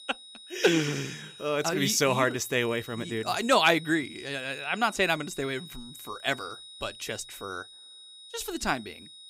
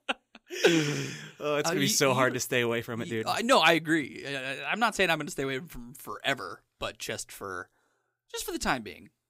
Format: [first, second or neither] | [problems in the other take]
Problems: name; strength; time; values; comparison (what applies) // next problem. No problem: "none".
second | high-pitched whine; noticeable; throughout; 4 kHz, 15 dB below the speech